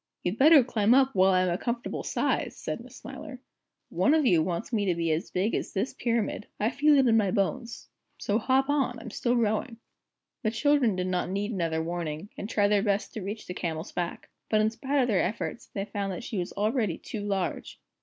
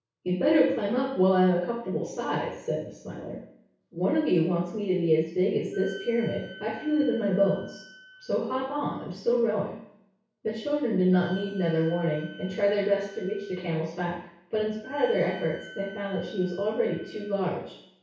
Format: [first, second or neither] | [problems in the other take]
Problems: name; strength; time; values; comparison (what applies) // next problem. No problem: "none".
first | background sound (Wind instrument, woodwind instrument); 20 dB below the speech // room echo; dies away in 0.6 s